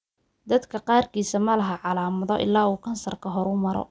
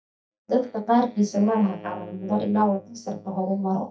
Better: first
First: none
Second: noise reduction (neural mask model DeepFilterNet 3)

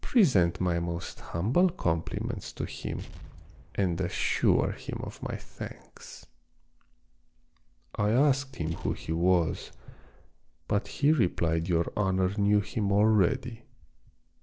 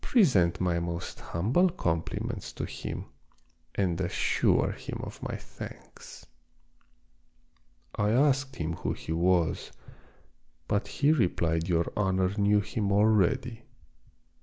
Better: second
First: noise reduction (neural separator model SepFormer DNS4)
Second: none

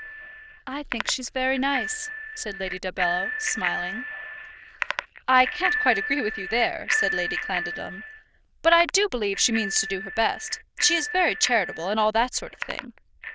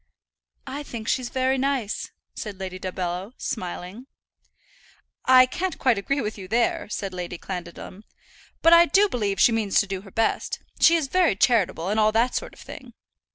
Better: second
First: noise reduction (neural diffusion model UNIVERSE++)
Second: none

